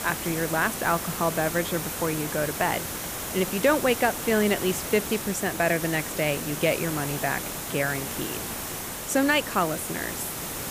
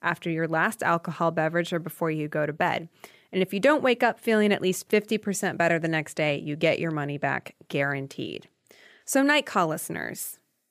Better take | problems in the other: second | hiss; loud; throughout; 5 dB below the speech

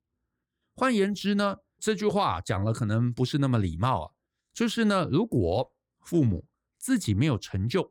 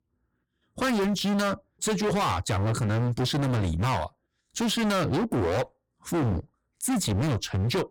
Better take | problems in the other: first | distortion; heavy; 31% of the sound clipped

